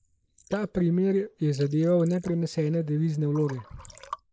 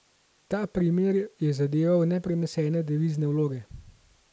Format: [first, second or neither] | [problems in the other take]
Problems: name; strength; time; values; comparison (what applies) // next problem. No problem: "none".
second | noise reduction (neural mask model Resemble Enhance denoiser)